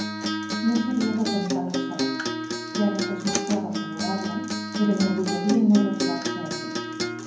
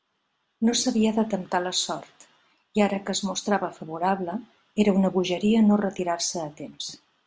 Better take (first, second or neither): second